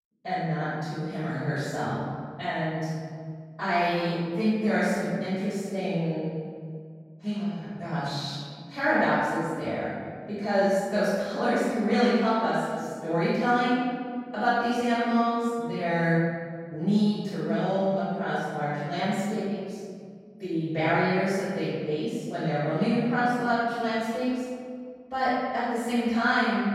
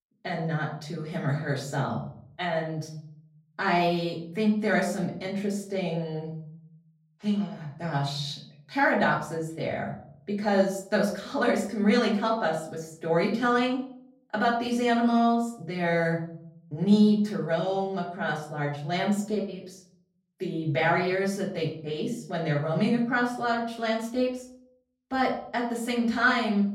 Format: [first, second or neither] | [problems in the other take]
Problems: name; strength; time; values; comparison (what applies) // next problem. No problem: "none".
second | room echo; strong; dies away in 2.1 s; slight in the second // off-mic speech; far; far in the second